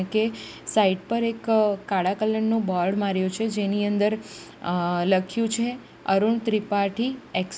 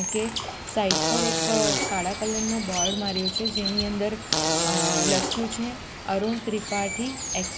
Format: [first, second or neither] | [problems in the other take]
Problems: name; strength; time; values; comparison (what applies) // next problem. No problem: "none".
first | background sound (Bird + Fart); 1 dB above the speech